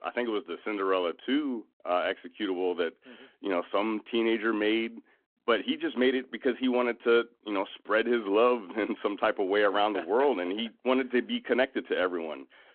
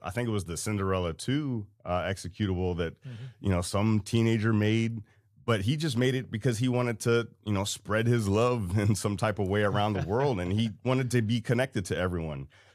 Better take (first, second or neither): second